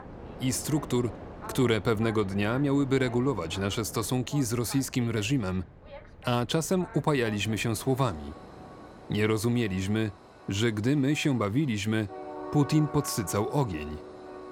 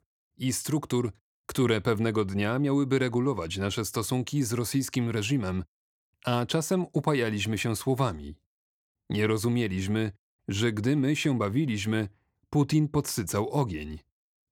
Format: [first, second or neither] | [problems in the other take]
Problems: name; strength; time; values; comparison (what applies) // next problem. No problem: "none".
second | train or aircraft noise; noticeable; throughout; 15 dB below the speech